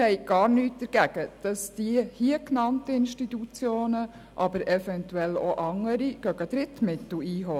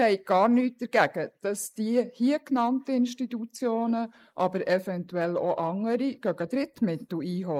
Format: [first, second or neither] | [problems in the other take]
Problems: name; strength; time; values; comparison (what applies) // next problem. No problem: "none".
first | noise reduction (neural mask model Resemble Enhance denoiser)